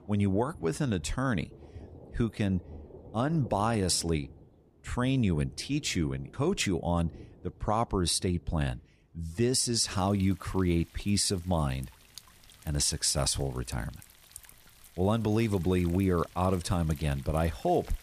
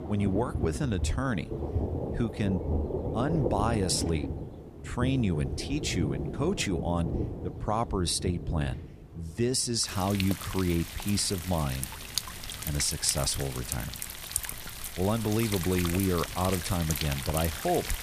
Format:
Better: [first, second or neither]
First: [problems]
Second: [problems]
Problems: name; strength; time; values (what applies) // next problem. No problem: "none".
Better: first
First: rain or running water; faint; throughout; 20 dB below the speech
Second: rain or running water; loud; throughout; 5 dB below the speech